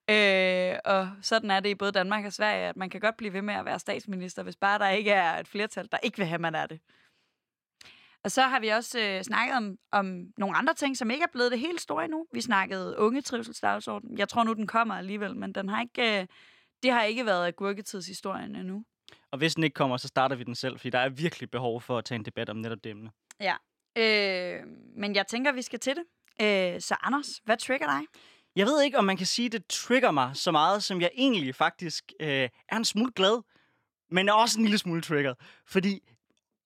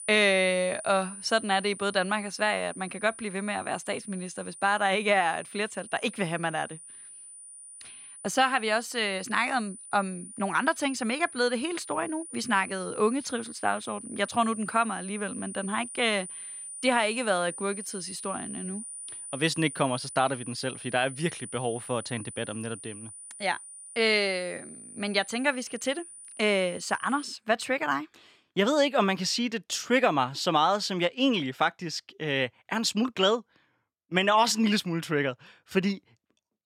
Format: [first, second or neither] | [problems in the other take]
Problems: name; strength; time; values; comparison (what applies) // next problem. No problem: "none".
first | high-pitched whine; noticeable; until 27 s; 9.5 kHz, 15 dB below the speech